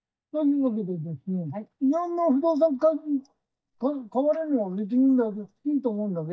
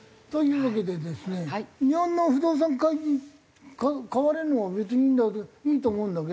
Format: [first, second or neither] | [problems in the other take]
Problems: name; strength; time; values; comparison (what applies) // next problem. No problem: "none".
second | noise reduction (neural mask model DeepFilterNet 3)